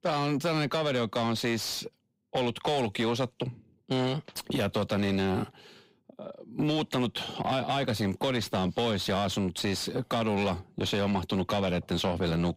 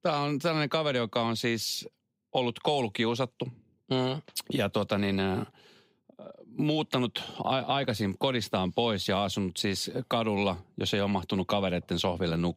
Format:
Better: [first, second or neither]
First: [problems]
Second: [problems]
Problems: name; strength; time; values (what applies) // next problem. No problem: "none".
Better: second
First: distortion; slight; 10 dB below the speech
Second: none